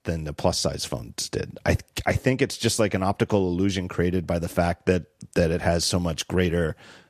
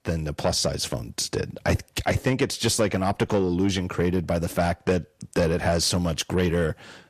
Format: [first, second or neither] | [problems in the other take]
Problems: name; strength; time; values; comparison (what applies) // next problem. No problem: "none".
first | distortion; slight; 10 dB below the speech